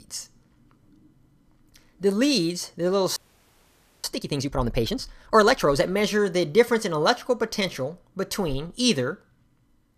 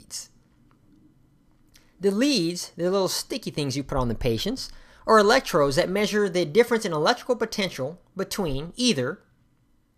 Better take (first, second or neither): second